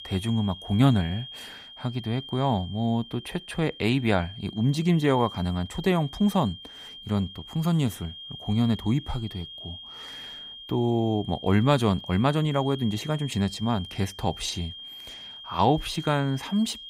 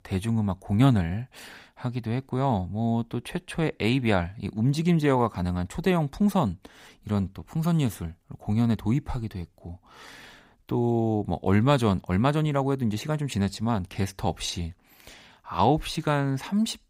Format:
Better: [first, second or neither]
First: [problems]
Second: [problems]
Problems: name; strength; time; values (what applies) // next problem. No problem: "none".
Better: second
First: high-pitched whine; noticeable; throughout; 3 kHz, 15 dB below the speech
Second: none